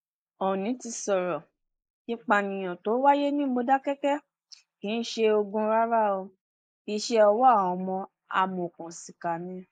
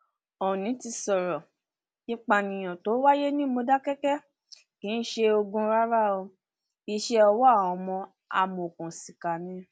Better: second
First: noise reduction (neural mask model Resemble Enhance denoiser)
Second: none

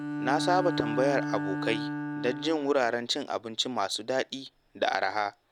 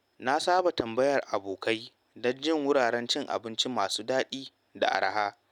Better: second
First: background sound (Bowed string instrument); 6 dB below the speech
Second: none

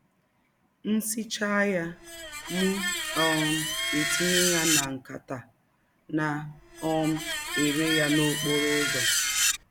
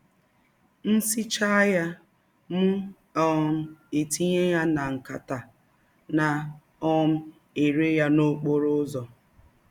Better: second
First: background sound (Screech); as loud as the speech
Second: none

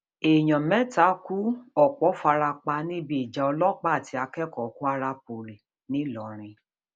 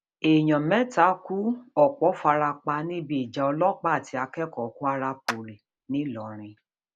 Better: first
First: none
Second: background sound (Clapping); 13 dB below the speech

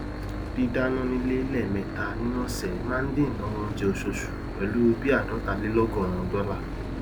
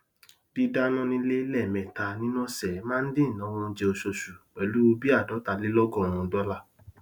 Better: second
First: background sound (Engine / Boat, Water vehicle); 4 dB below the speech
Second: none

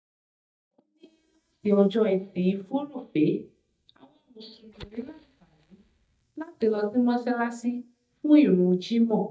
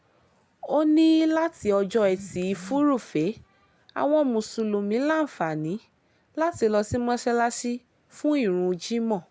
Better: second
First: noise reduction (neural mask model DeepFilterNet 3)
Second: none

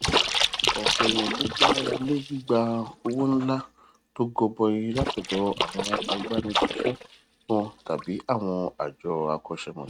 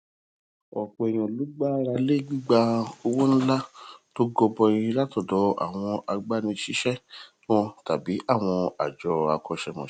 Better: second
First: noise reduction (neural mask model RNNoise)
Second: none

